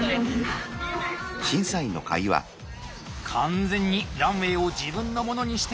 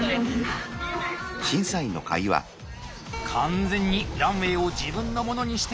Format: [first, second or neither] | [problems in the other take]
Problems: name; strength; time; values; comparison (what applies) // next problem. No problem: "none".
first | background sound (Keyboard (musical)); 9 dB below the speech